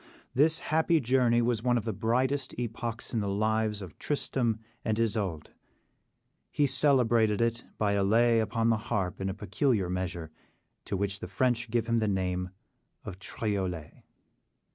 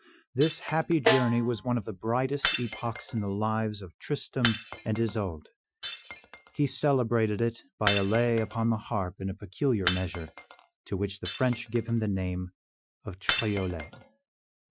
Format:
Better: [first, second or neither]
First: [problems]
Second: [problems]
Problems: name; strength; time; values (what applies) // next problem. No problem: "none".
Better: first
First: none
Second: noise reduction (classical method Wiener filter)